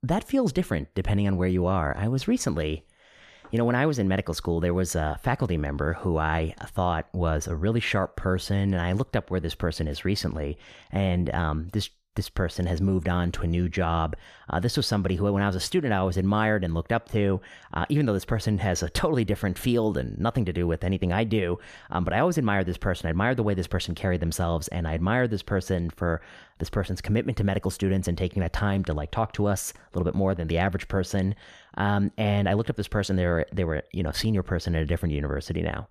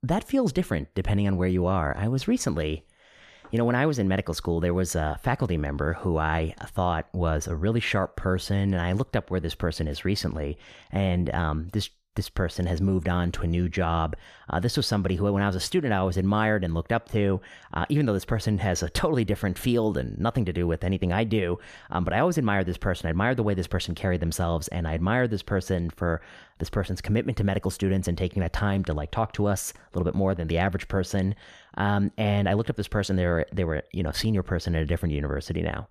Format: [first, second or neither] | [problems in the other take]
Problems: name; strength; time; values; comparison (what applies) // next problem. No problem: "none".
neither | none